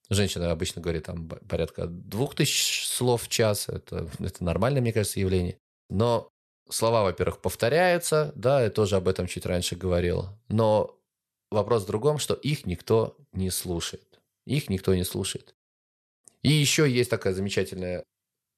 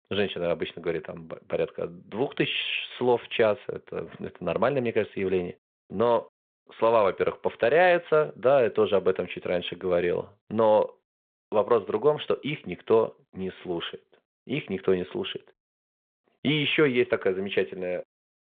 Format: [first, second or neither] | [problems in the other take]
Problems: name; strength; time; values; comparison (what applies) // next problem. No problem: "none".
first | phone-call audio